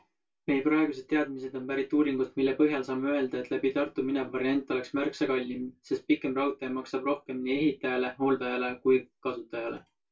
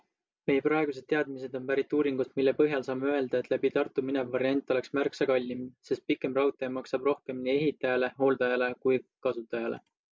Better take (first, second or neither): second